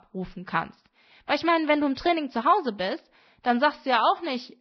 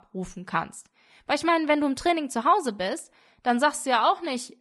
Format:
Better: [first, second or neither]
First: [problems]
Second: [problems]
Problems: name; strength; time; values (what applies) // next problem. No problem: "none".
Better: second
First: garbled, watery; badly; nothing above 5 kHz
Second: garbled, watery; slightly; nothing above 11.5 kHz